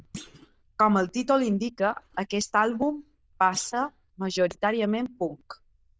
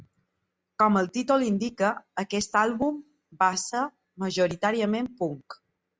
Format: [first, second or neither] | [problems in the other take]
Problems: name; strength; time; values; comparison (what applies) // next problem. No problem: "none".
second | noise reduction (neural diffusion model UNIVERSE++)